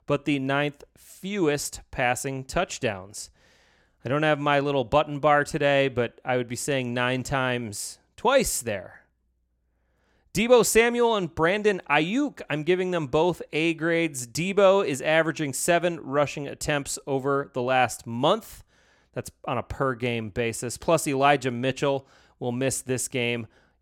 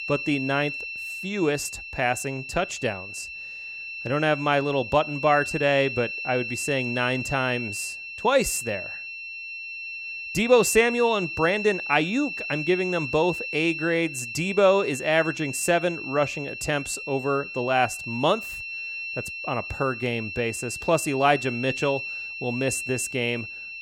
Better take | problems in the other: first | high-pitched whine; loud; throughout; 2.5 kHz, 7 dB below the speech

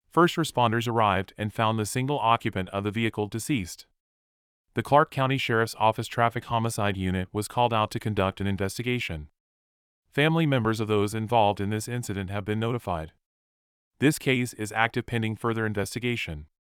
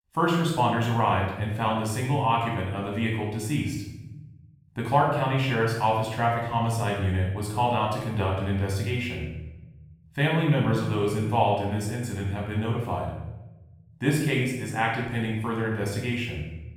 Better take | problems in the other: first | off-mic speech; far // room echo; noticeable; dies away in 0.9 s

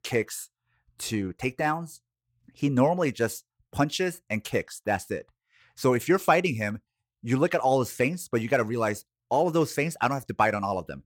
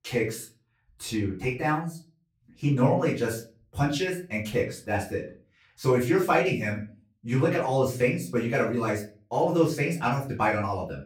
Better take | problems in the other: first | off-mic speech; far // room echo; slight; dies away in 0.4 s

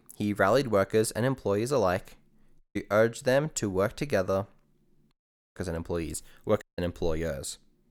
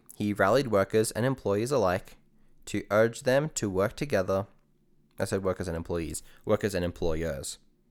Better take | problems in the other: second | audio cutting out; at 2.5 s, at 5 s and at 6.5 s

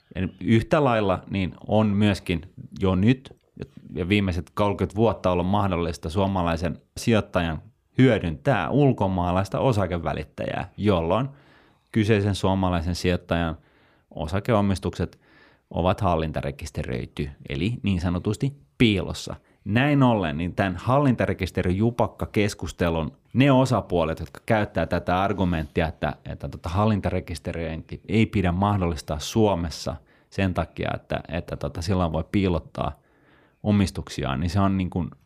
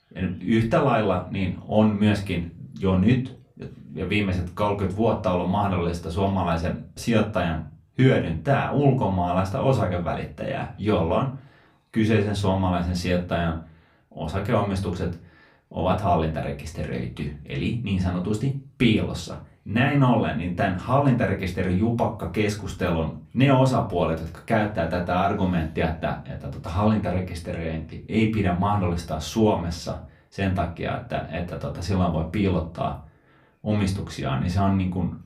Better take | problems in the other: first | off-mic speech; far // room echo; very slight; dies away in 0.3 s

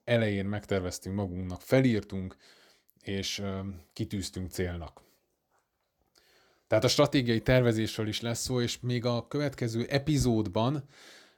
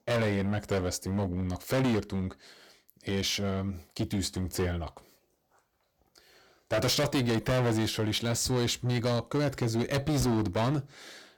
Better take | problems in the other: first | distortion; heavy; 14% of the sound clipped

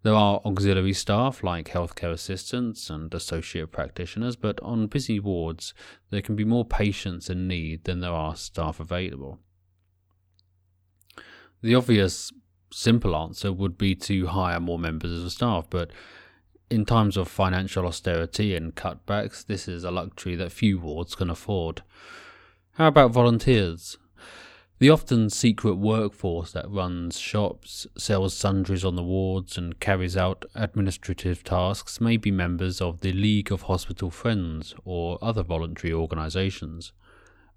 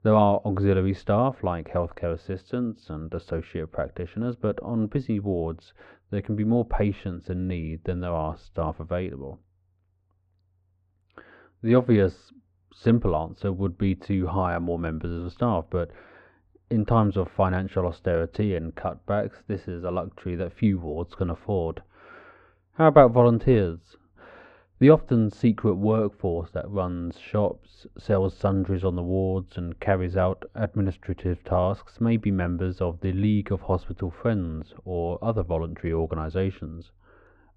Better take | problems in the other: first | muffled; very; fading above 1.5 kHz

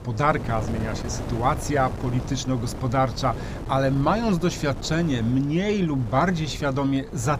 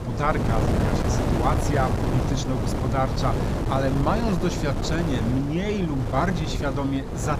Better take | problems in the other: first | wind noise on the microphone; heavy; 3 dB below the speech; occasional gusts in the first

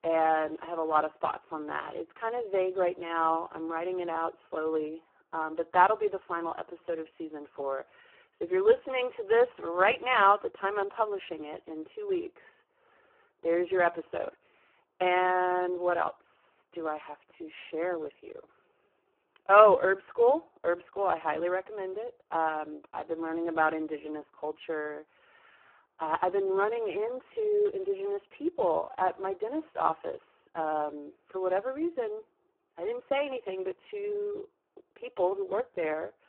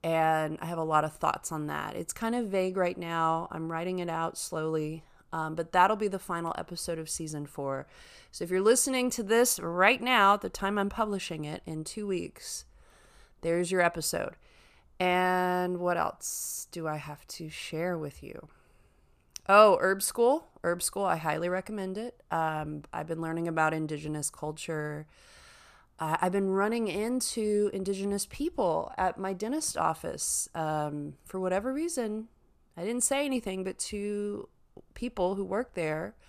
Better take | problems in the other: second | phone-call audio; poor line

